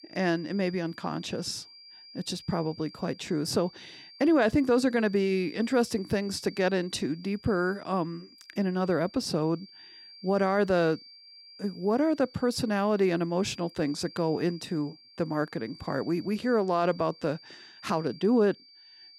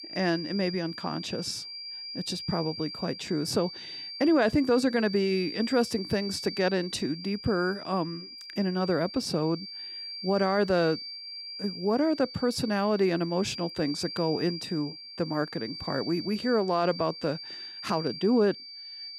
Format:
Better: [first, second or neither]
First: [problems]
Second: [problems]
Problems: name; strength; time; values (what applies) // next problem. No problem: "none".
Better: first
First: high-pitched whine; faint; throughout; 5 kHz, 20 dB below the speech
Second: high-pitched whine; loud; throughout; 5 kHz, 10 dB below the speech